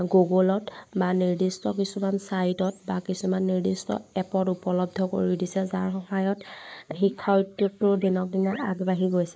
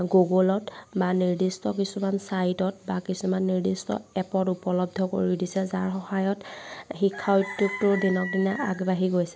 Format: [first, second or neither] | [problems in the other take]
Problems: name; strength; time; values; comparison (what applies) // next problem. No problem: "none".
second | noise reduction (neural mask model Resemble Enhance denoiser)